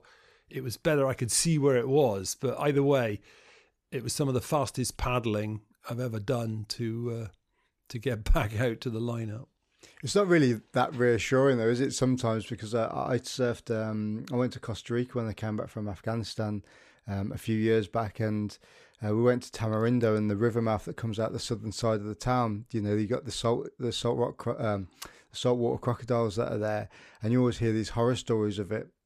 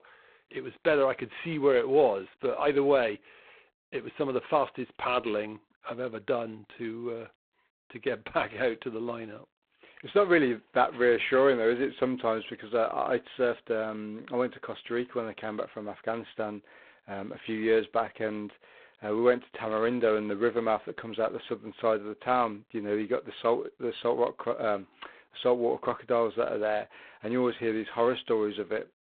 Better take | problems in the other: first | phone-call audio; poor line; nothing above 4 kHz

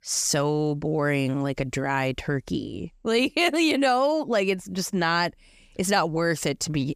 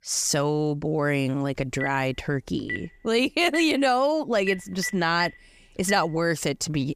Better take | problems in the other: first | phone ringing; noticeable; from 2 to 6 s; peak 8 dB below the speech

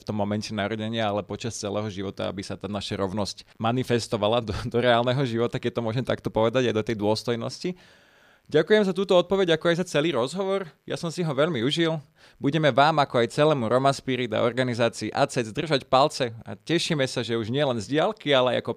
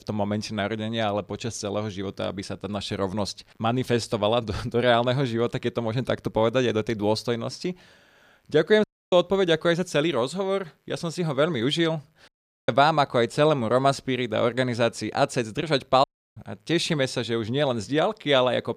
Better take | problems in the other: first | audio cutting out; at 9 s, at 12 s and at 16 s

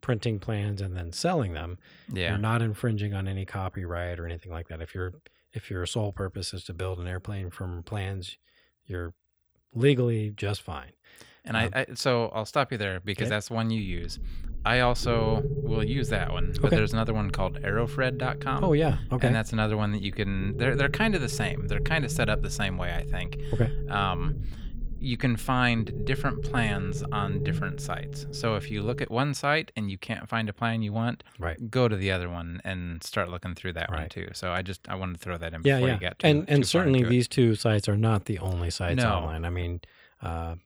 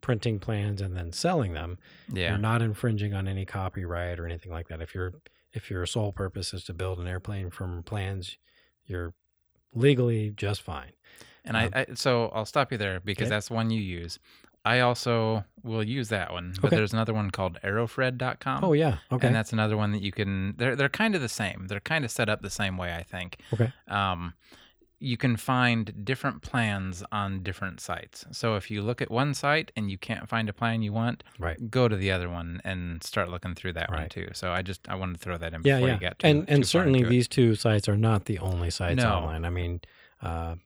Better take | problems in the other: second | low rumble; noticeable; from 14 to 29 s; 10 dB below the speech

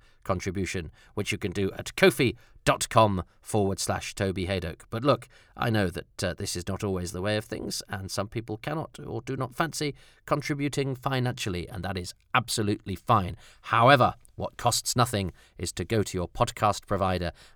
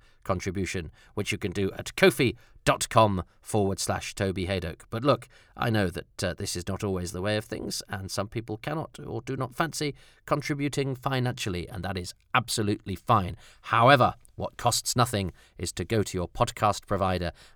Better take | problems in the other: neither | none

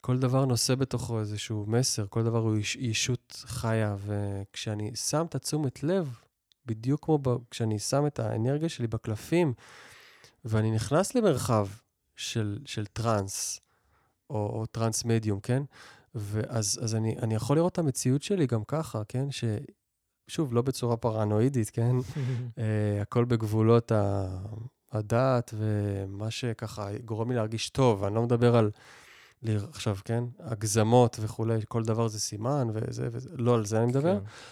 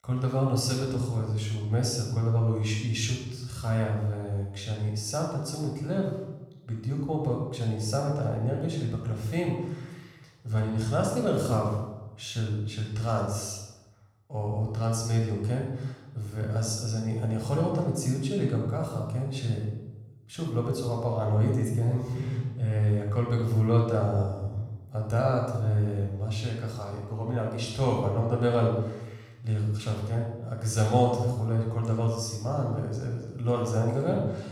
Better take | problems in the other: first | off-mic speech; somewhat distant // room echo; noticeable; dies away in 0.9 s

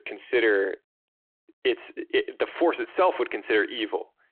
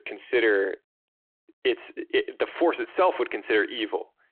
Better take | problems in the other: neither | phone-call audio; the same in both

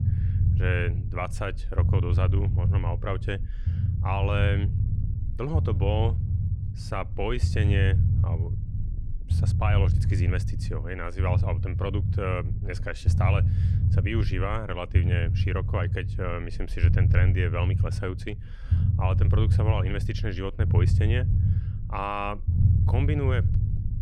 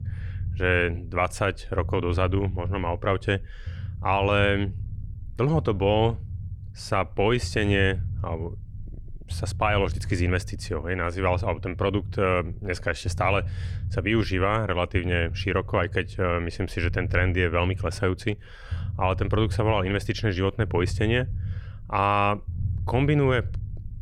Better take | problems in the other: second | low rumble; loud; throughout; 7 dB below the speech; faint in the second

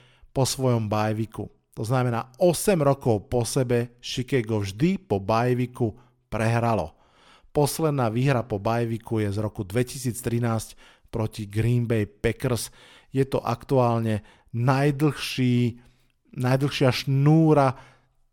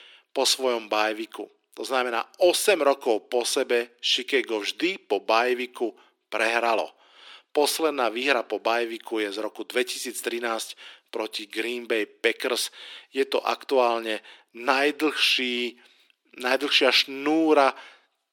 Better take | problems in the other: first | thin; very; fading below 300 Hz

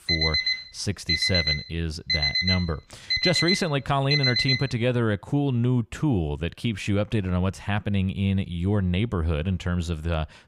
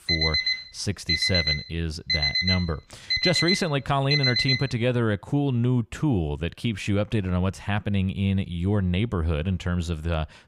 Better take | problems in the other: neither | alarm; loud; until 4.5 s; peak 5 dB above the speech; the same in both

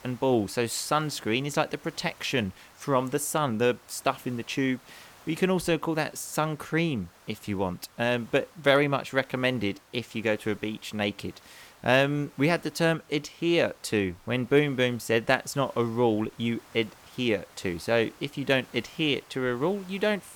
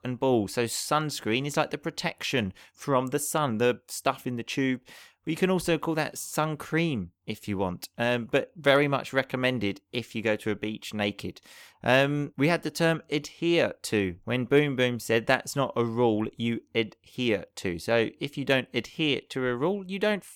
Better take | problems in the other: second | hiss; faint; throughout; 25 dB below the speech

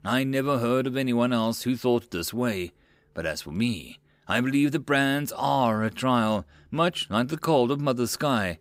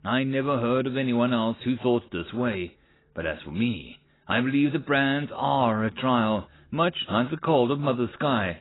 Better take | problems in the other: first | garbled, watery; badly; nothing above 4 kHz

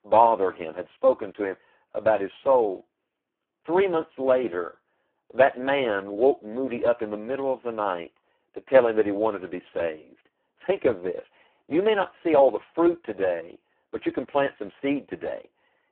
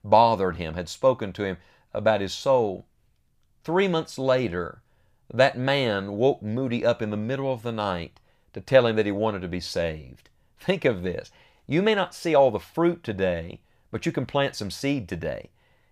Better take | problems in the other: second | phone-call audio; poor line

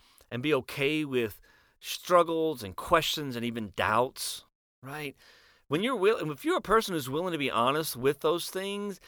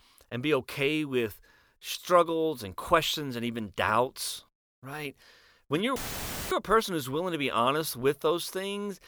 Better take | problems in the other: first | audio cutting out; filled with static; at 6 s for 0.5 s

